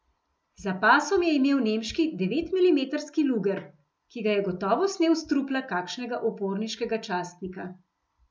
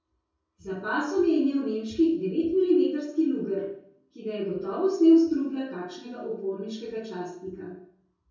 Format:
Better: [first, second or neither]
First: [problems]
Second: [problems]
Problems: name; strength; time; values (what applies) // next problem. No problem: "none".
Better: first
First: none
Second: room echo; dies away in 0.6 s